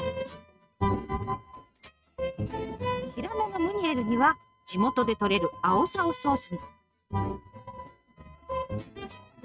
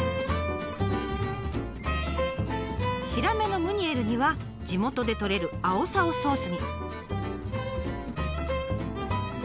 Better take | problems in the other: second | noise reduction (neural mask model RNNoise)

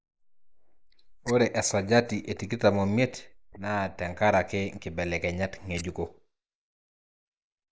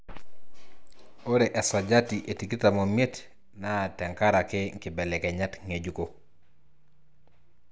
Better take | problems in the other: second | noise reduction (neural mask model Resemble Enhance denoiser)

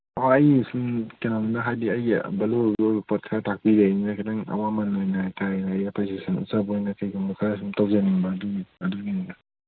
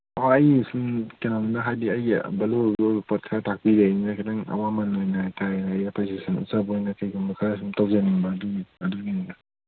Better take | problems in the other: second | noise reduction (neural mask model Resemble Enhance denoiser)

